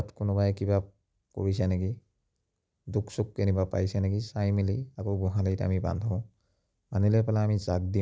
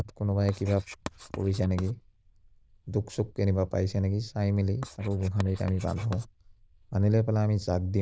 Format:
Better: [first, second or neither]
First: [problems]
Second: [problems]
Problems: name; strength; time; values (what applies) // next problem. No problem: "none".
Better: first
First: none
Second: noise reduction (neural diffusion model UNIVERSE++)